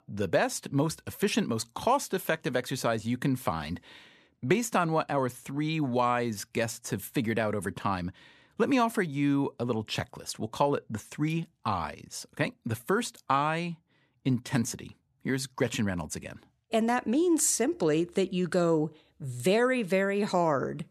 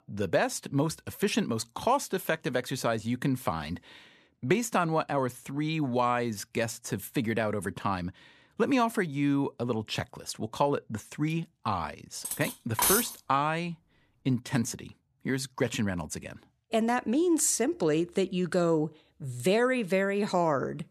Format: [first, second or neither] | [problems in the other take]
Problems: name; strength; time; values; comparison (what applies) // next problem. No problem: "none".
first | clattering dishes; loud; at 12 s; peak 5 dB above the speech